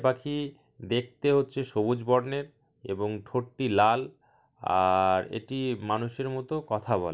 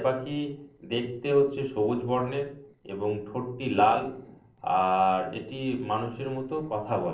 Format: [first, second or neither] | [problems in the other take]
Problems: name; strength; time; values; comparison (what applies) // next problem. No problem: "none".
first | noise reduction (neural separator model SepFormer DNS4)